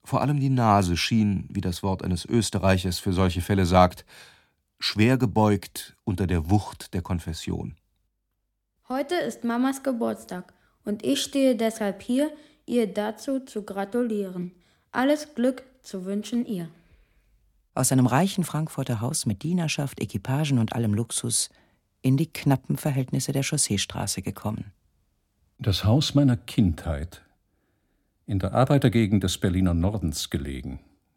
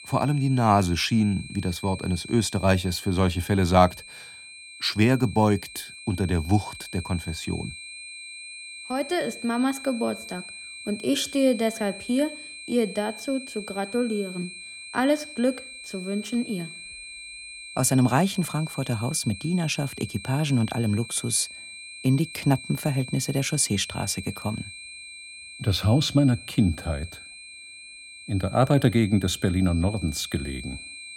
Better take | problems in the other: first | high-pitched whine; noticeable; throughout; 2.5 kHz, 15 dB below the speech

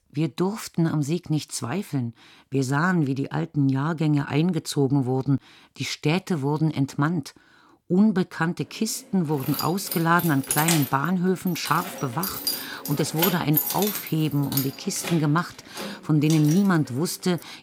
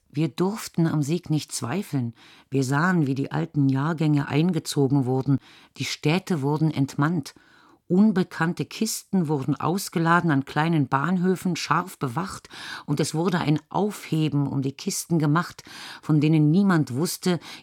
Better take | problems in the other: second | jangling keys; loud; from 9.5 to 17 s; peak 1 dB above the speech

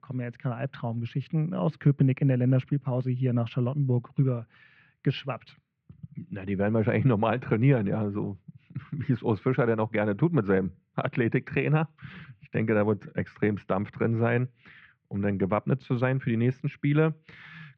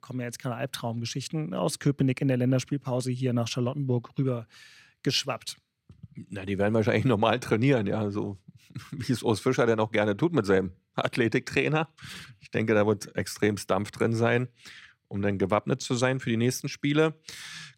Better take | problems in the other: second | muffled; very; fading above 2.5 kHz

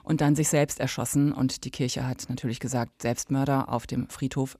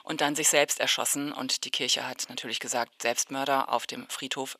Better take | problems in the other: first | thin; somewhat; fading below 600 Hz

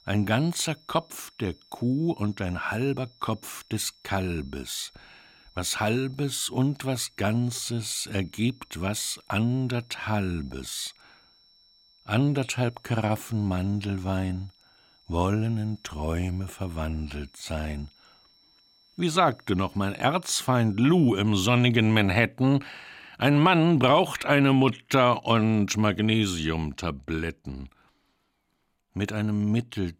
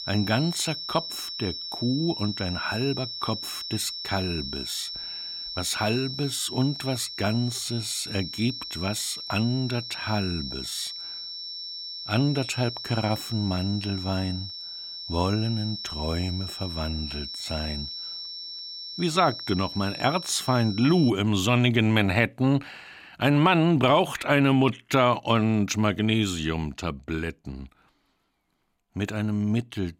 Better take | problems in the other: first | high-pitched whine; loud; until 21 s; 5.5 kHz, 7 dB below the speech; faint in the first

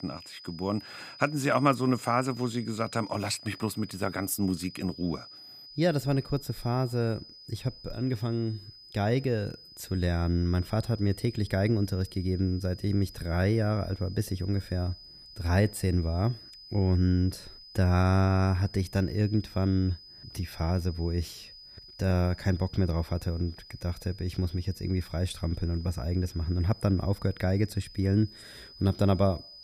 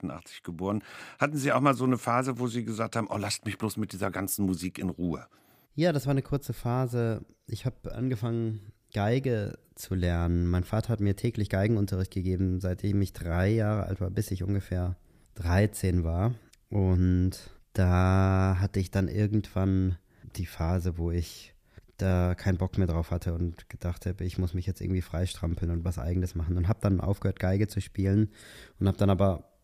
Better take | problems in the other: second | high-pitched whine; noticeable; throughout; 5 kHz, 20 dB below the speech

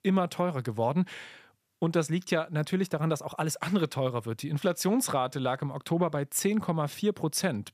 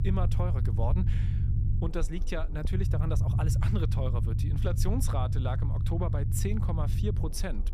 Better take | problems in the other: first | low rumble; loud; throughout; 5 dB below the speech

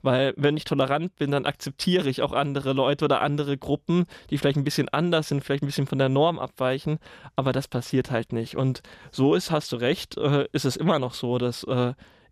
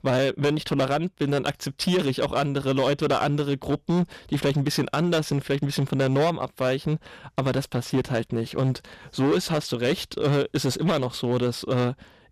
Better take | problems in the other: first | distortion; slight; 10% of the sound clipped

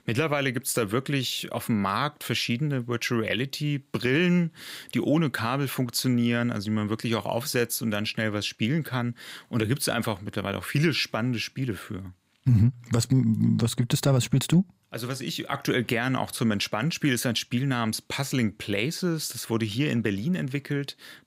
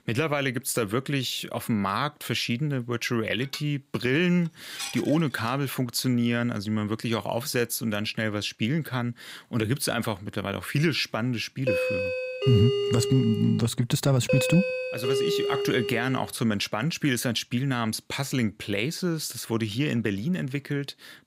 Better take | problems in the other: first | clattering dishes; noticeable; from 3.5 to 5.5 s; peak 7 dB below the speech // doorbell; loud; from 12 to 16 s; peak 2 dB above the speech

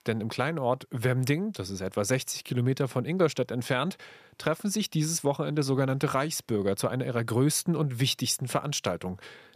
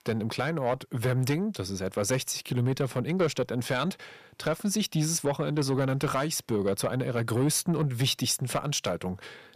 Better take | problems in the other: first | distortion; slight; 10 dB below the speech

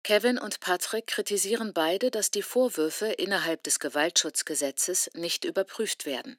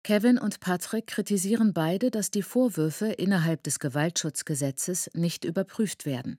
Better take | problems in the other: second | thin; somewhat; fading below 350 Hz

